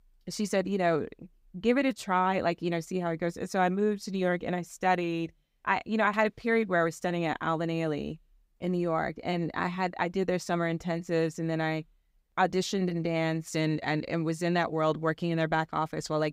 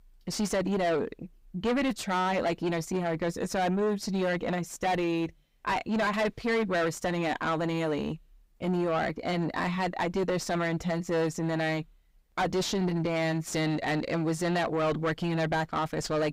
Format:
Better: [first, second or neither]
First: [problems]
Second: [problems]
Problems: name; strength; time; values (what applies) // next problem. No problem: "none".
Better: first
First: none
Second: distortion; heavy; 5 dB below the speech